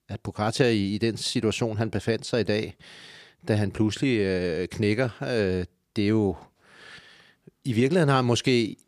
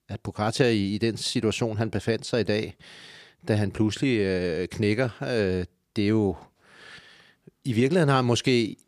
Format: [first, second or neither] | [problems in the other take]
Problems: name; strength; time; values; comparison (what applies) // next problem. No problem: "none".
neither | none